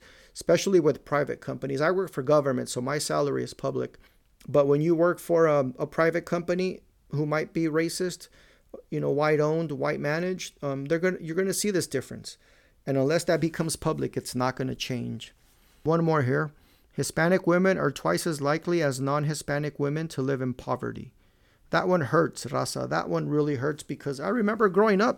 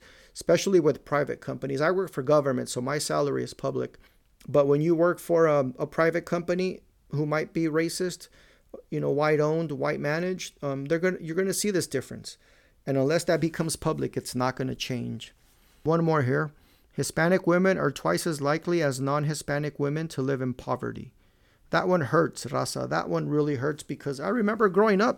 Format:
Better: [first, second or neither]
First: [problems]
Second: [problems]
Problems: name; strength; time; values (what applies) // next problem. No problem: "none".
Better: neither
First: none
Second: none